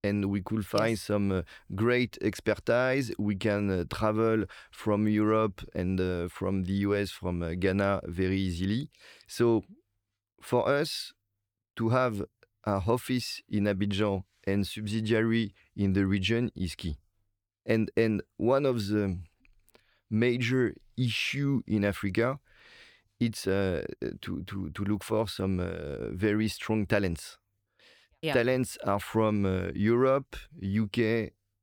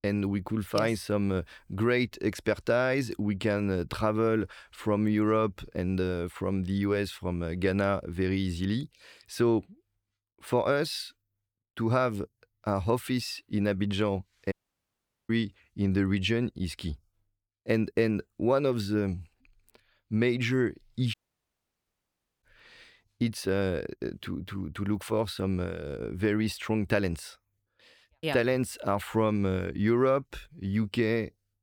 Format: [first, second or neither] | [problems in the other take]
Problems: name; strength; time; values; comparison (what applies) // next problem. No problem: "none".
first | audio cutting out; at 15 s for 1 s and at 21 s for 1.5 s